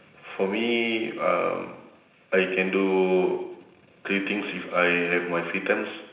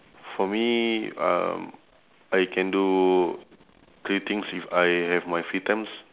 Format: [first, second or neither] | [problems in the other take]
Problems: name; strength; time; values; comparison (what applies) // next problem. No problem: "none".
second | room echo; dies away in 0.9 s